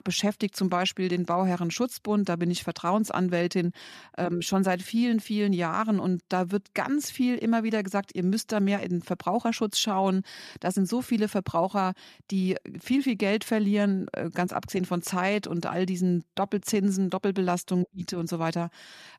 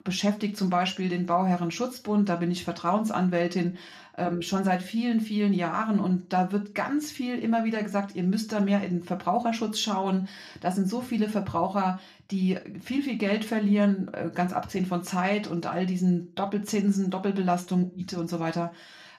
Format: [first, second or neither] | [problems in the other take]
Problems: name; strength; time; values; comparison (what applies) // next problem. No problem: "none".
first | room echo; very slight; dies away in 0.3 s // off-mic speech; somewhat distant